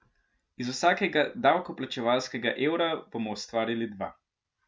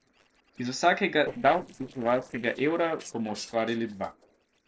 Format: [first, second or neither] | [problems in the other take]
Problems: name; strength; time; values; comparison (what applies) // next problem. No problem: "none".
first | noise reduction (neural separator model SepFormer DNS4)